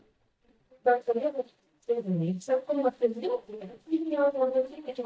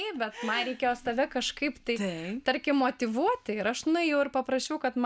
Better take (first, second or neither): second